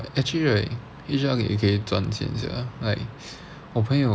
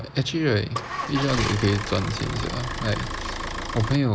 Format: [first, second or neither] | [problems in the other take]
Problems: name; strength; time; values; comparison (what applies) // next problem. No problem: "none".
first | background sound (Idling / Engine starting / Motor vehicle (road)); 5 dB below the speech